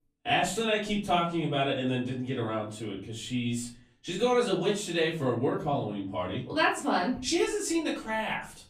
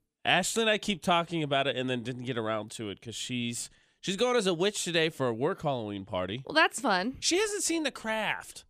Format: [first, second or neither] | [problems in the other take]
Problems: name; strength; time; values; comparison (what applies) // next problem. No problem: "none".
second | room echo; slight; dies away in 0.5 s // off-mic speech; far